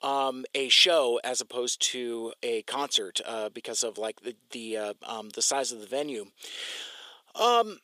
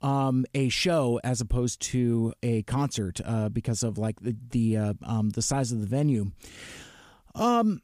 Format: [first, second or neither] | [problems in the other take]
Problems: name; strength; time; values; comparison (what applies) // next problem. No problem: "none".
second | thin; very; fading below 400 Hz